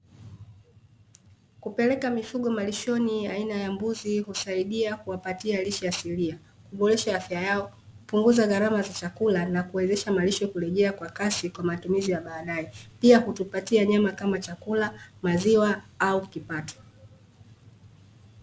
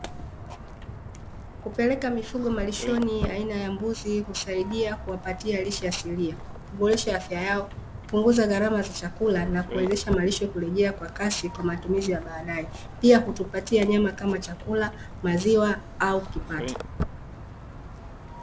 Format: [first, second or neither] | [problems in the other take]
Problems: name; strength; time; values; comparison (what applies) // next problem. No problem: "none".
first | background sound (Walk, footsteps); 11 dB below the speech